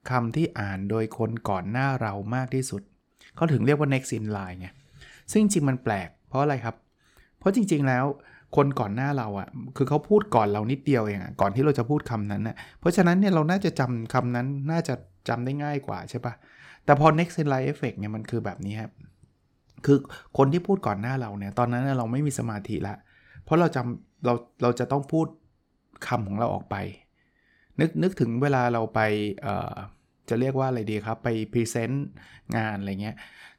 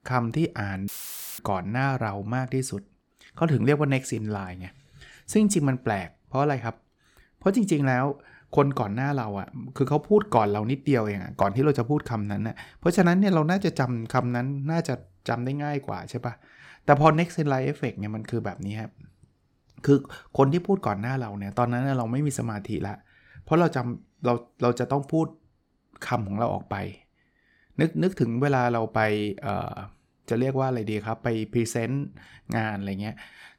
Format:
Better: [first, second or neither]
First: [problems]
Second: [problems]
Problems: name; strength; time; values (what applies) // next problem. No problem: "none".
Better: first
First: none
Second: audio cutting out; filled with static; at 1 s for 0.5 s